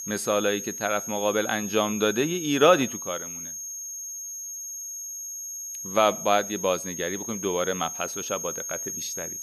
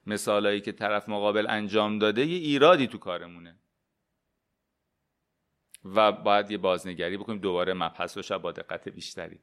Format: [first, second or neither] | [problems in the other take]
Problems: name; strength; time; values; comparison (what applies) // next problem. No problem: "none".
second | high-pitched whine; loud; throughout; 6.5 kHz, 7 dB below the speech